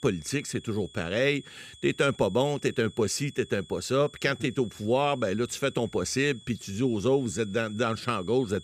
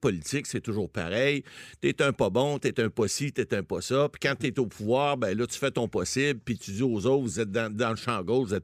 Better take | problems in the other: second | high-pitched whine; faint; throughout; 3.5 kHz, 20 dB below the speech

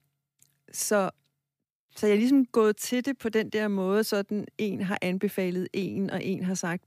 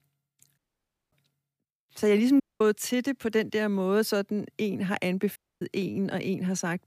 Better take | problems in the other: first | audio cutting out; at 0.5 s for 0.5 s, at 2.5 s and at 5.5 s

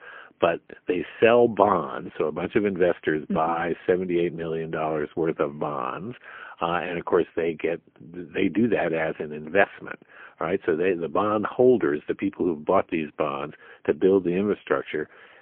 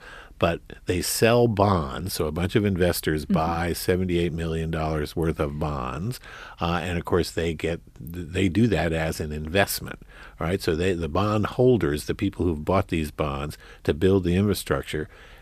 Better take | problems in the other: second | phone-call audio; poor line; nothing above 3 kHz

